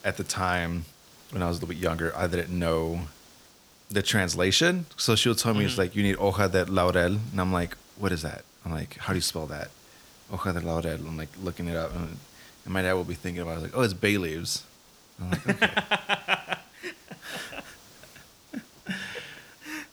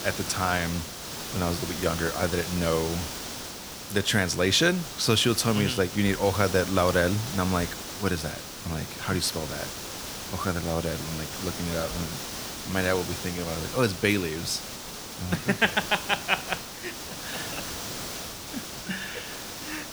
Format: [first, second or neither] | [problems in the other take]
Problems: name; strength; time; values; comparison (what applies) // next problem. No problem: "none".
first | hiss; loud; throughout; 8 dB below the speech; faint in the first